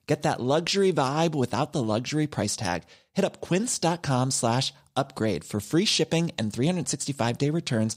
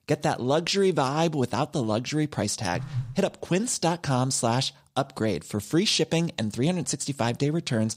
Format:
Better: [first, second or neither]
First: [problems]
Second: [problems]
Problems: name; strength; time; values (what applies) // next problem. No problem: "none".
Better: first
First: none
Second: phone ringing; noticeable; at 2.5 s; peak 7 dB below the speech